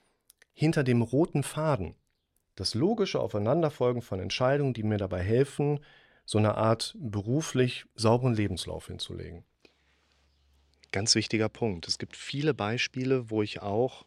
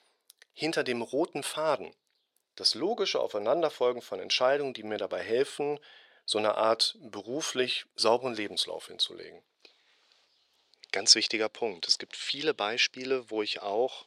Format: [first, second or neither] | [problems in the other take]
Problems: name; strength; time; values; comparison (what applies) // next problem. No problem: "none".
first | thin; very; fading below 500 Hz